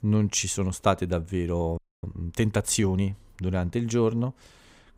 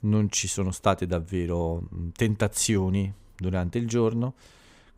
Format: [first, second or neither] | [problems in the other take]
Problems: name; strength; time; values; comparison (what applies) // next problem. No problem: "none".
second | audio freezing; at 2 s